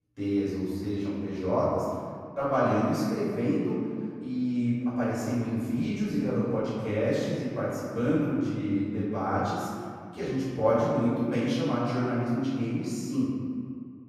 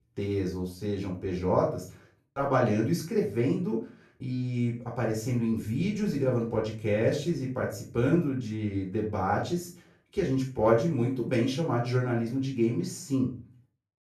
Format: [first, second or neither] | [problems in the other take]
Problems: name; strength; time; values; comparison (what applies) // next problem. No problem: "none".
second | room echo; strong; dies away in 2 s; slight in the second // off-mic speech; far; far in the second